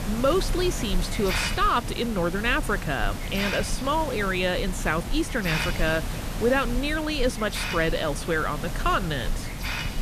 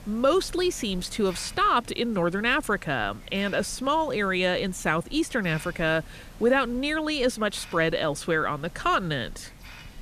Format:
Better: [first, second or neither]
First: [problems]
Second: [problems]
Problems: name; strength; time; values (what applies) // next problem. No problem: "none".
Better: second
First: hiss; loud; throughout; 5 dB below the speech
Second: hiss; faint; throughout; 20 dB below the speech